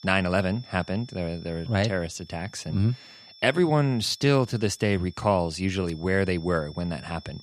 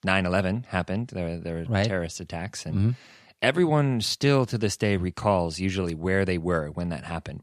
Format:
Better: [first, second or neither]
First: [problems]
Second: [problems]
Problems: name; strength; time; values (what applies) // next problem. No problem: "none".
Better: second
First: high-pitched whine; faint; throughout; 5.5 kHz, 20 dB below the speech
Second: none